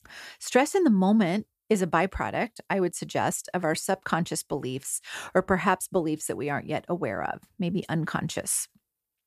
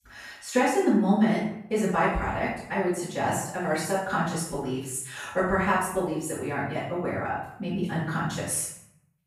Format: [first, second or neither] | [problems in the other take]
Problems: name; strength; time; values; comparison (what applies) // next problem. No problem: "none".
first | off-mic speech; far // room echo; noticeable; dies away in 0.6 s